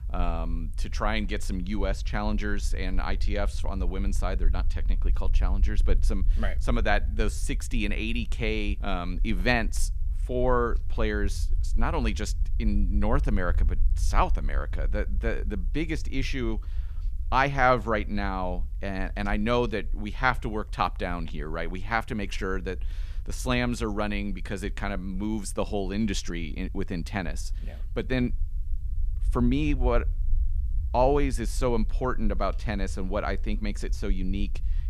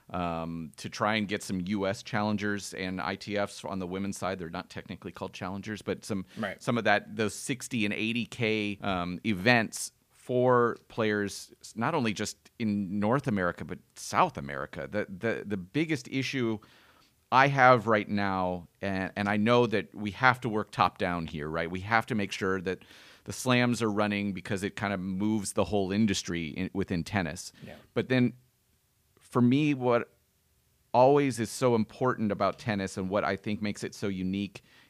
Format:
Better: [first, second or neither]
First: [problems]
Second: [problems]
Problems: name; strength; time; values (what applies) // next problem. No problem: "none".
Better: second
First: low rumble; faint; throughout; 25 dB below the speech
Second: none